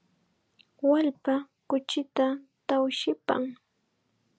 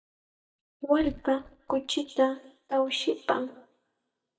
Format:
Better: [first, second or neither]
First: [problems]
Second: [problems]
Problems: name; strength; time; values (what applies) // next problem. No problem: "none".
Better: first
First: none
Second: noise reduction (neural mask model DeepFilterNet 3)